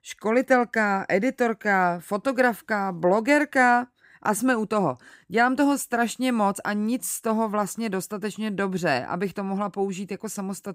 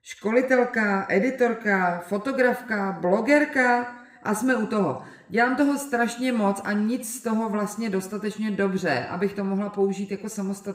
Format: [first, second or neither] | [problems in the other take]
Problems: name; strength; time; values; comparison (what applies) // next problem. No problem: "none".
first | room echo; very slight; dies away in 0.7 s